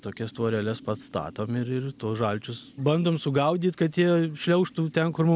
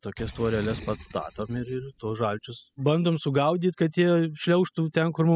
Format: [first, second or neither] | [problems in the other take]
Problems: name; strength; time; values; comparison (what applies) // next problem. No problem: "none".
first | noise reduction (classical method spectral subtraction)